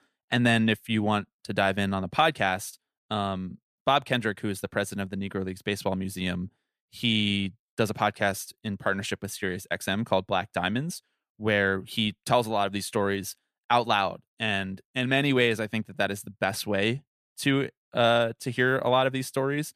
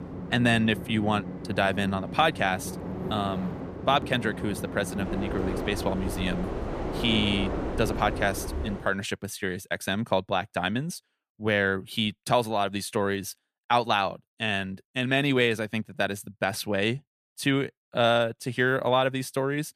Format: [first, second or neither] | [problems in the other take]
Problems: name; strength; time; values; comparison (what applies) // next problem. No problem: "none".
first | train or aircraft noise; loud; until 9 s; 7 dB below the speech